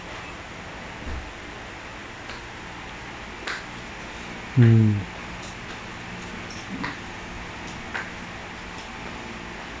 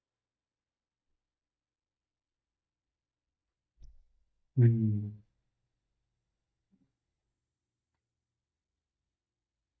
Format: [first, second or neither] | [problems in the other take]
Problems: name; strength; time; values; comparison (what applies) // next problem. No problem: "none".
first | noise reduction (neural mask model DeepFilterNet 3)